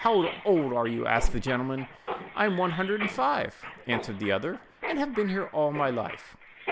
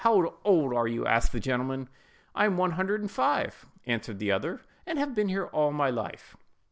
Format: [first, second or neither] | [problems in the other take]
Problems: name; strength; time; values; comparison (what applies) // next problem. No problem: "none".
second | background sound (Mechanisms); 11 dB below the speech